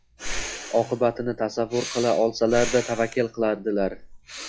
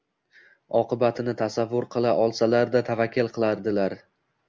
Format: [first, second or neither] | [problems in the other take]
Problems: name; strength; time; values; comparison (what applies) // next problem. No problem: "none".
second | noise reduction (classical method log-MMSE)